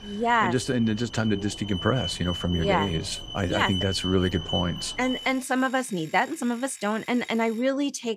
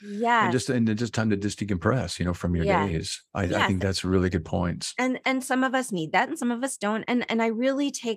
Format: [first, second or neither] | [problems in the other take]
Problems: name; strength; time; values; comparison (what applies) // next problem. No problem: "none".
second | alarms or sirens; loud; throughout; 8 dB below the speech